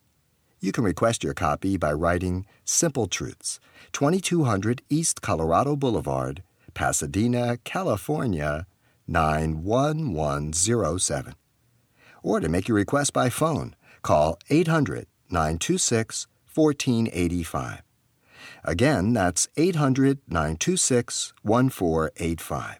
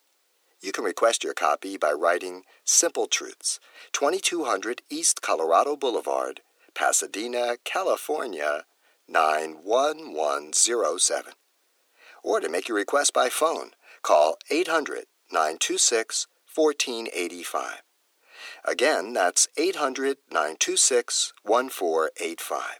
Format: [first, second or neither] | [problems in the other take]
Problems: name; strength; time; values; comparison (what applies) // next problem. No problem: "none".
first | thin; very; fading below 350 Hz